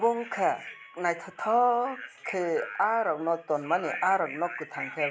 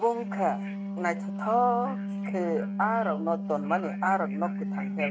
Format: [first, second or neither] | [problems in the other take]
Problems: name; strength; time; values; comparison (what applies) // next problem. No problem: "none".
first | noise reduction (neural mask model RNNoise)